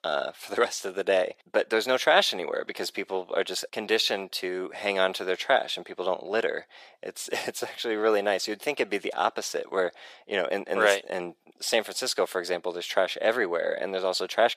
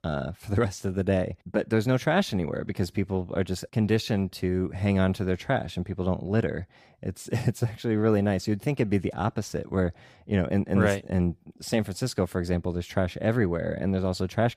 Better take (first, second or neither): second